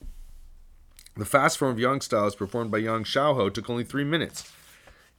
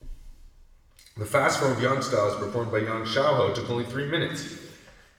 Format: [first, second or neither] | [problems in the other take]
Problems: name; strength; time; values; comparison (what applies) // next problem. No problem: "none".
first | room echo; noticeable; dies away in 1.3 s // off-mic speech; somewhat distant